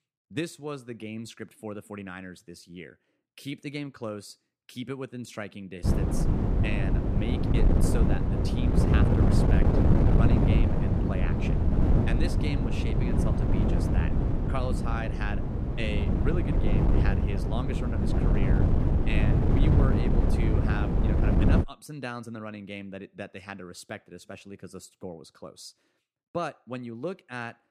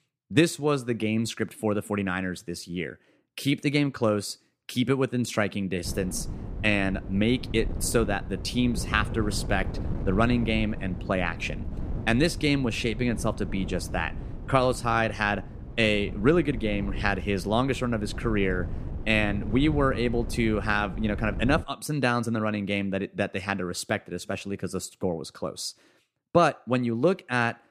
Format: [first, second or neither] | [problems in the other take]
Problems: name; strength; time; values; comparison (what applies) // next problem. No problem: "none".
second | wind noise on the microphone; heavy; from 6 to 22 s; 4 dB above the speech; occasional gusts in the second